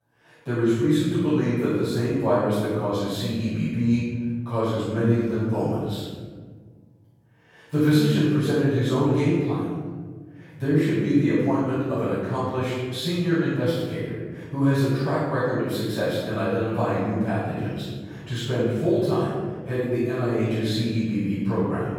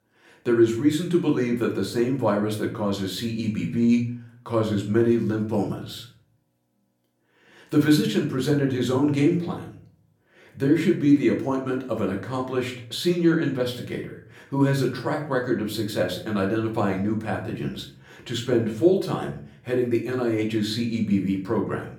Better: second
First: room echo; strong; dies away in 1.9 s // off-mic speech; far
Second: room echo; slight; dies away in 0.5 s // off-mic speech; far

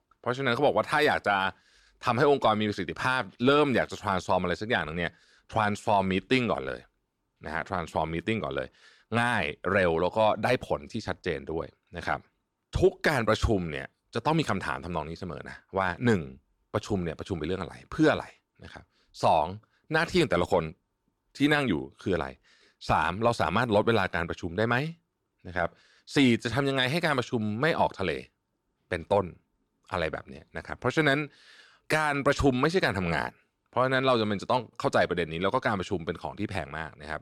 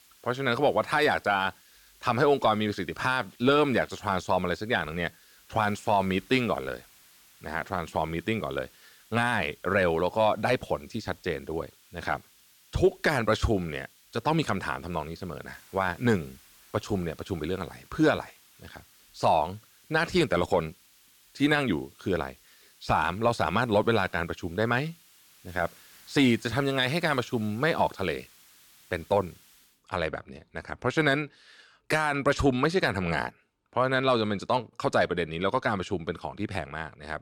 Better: first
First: none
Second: hiss; faint; until 30 s; 25 dB below the speech

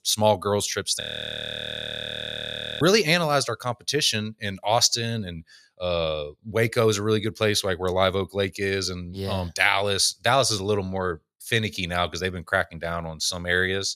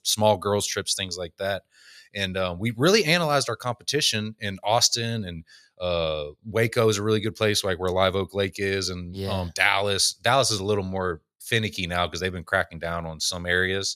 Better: second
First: audio freezing; at 1 s for 2 s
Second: none

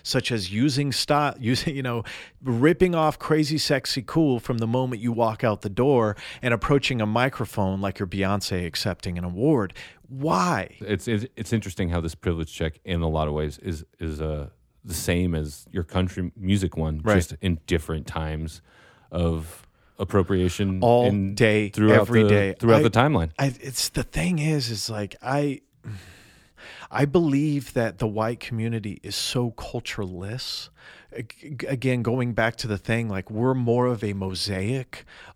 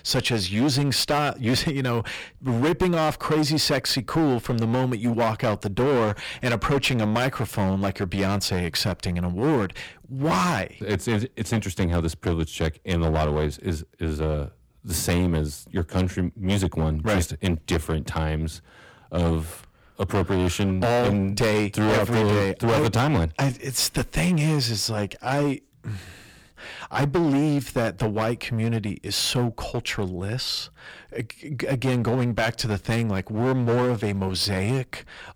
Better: first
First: none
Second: distortion; heavy; 14% of the sound clipped

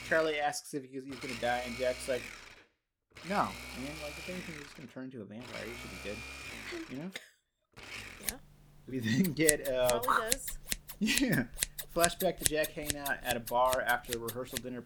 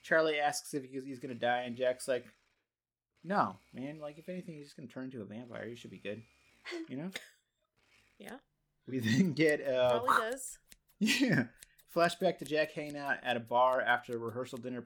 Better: second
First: household noises; loud; throughout; 5 dB below the speech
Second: household noises; faint; throughout; 30 dB below the speech

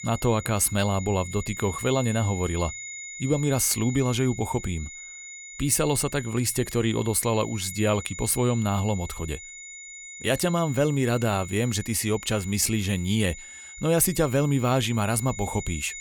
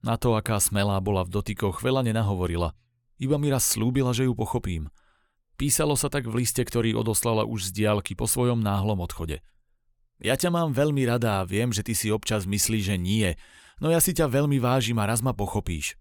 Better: second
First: high-pitched whine; noticeable; throughout; 2 kHz, 15 dB below the speech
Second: none

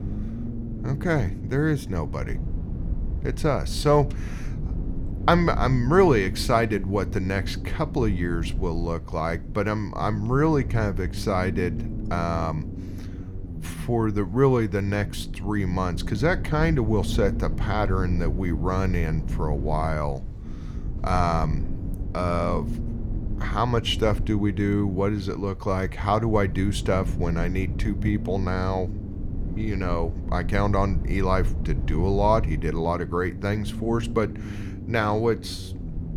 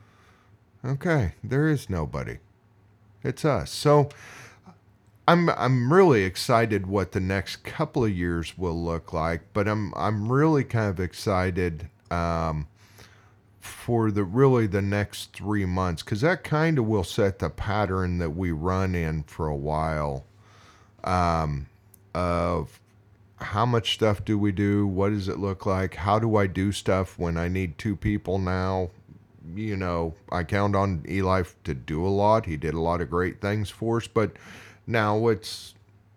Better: second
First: low rumble; noticeable; throughout; 15 dB below the speech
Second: none

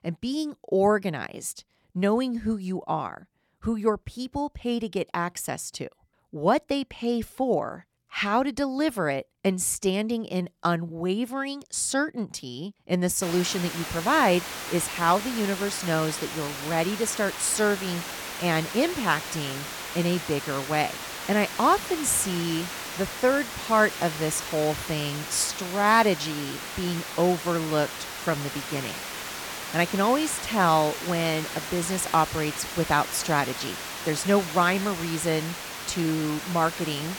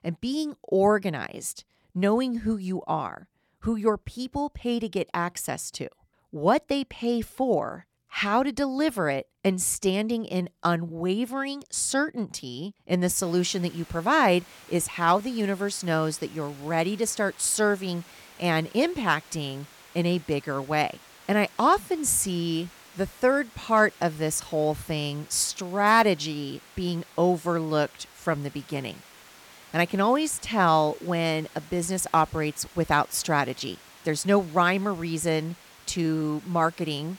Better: second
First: hiss; loud; from 13 s on; 7 dB below the speech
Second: hiss; faint; from 13 s on; 25 dB below the speech

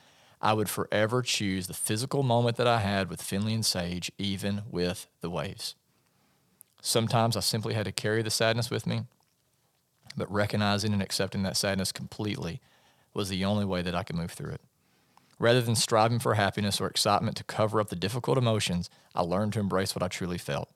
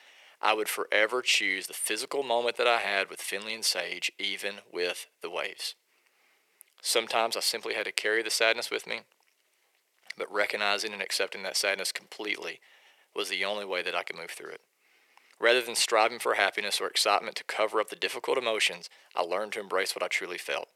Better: first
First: none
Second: thin; very; fading below 350 Hz

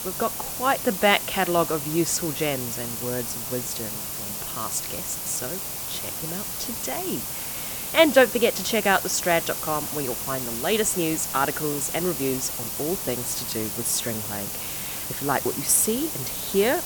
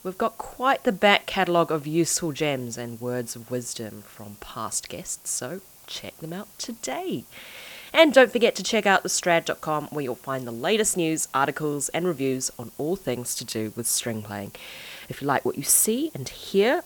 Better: second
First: hiss; loud; throughout; 4 dB below the speech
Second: hiss; faint; throughout; 25 dB below the speech

